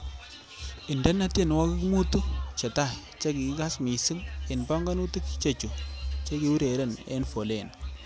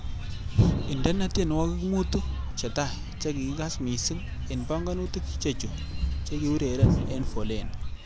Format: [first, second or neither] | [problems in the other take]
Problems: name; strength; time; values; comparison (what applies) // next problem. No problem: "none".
first | background sound (Thump, thud); 1 dB above the speech